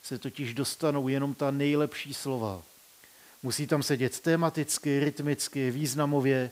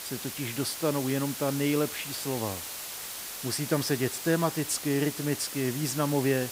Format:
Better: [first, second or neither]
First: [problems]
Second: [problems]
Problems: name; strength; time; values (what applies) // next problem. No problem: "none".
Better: first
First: hiss; faint; throughout; 25 dB below the speech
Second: hiss; loud; throughout; 6 dB below the speech